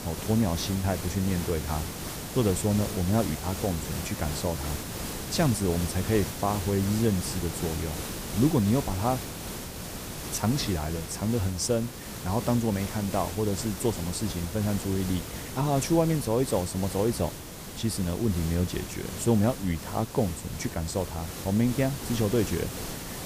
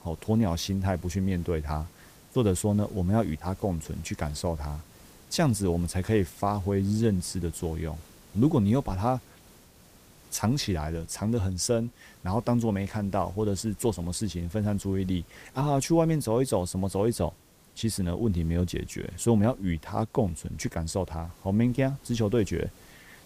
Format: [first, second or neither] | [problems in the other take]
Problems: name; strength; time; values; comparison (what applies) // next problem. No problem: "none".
second | hiss; loud; throughout; 7 dB below the speech; faint in the second